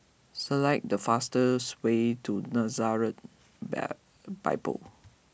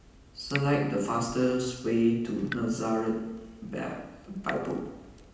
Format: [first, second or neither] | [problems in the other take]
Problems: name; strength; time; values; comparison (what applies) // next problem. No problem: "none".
first | background sound (Drip / Water tap, faucet); 16 dB below the speech // room echo; dies away in 0.9 s